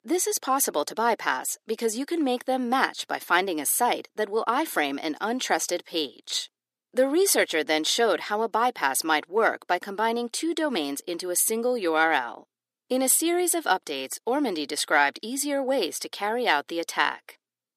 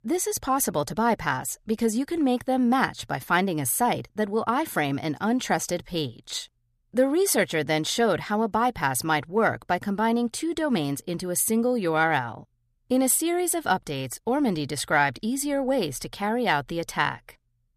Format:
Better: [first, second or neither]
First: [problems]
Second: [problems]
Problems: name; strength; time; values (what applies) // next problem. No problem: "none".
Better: second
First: thin; very slightly; fading below 300 Hz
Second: none